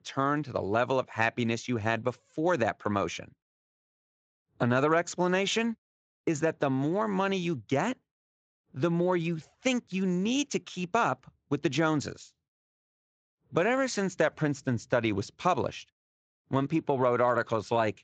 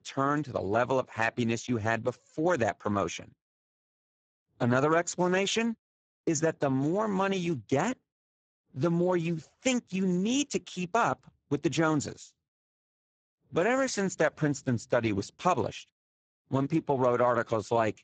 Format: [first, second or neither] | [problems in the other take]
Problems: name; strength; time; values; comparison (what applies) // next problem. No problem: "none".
first | garbled, watery; badly; nothing above 7.5 kHz; slightly in the first